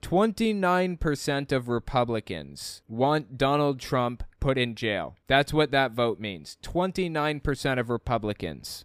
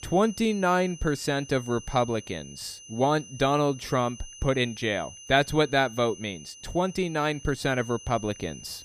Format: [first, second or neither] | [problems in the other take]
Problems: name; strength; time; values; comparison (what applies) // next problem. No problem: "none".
first | high-pitched whine; noticeable; throughout; 6 kHz, 15 dB below the speech